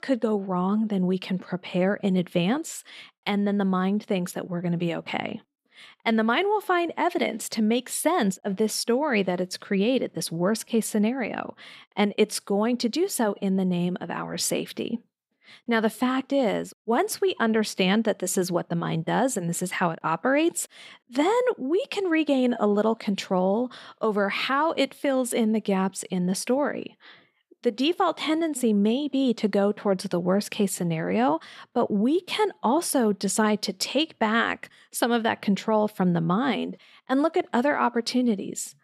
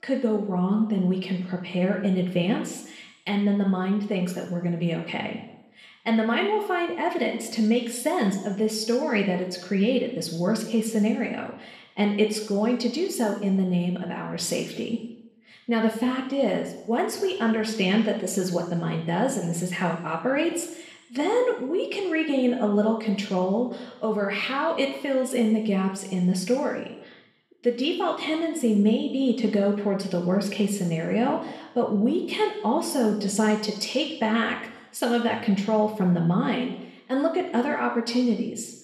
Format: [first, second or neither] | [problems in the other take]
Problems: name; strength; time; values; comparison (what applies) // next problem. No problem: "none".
first | room echo; slight; dies away in 0.8 s // off-mic speech; somewhat distant